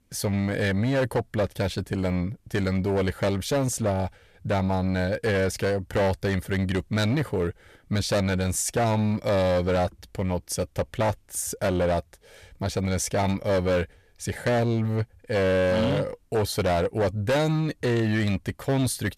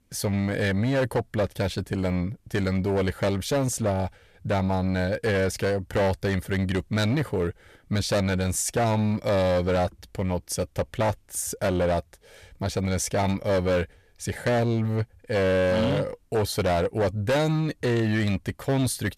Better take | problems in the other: neither | distortion; slight; 14% of the sound clipped; the same in both

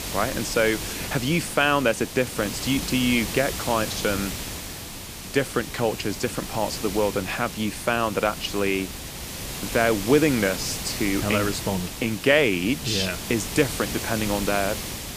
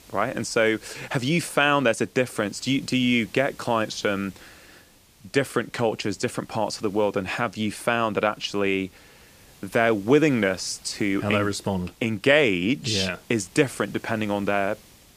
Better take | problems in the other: second | hiss; loud; throughout; 7 dB below the speech; faint in the second

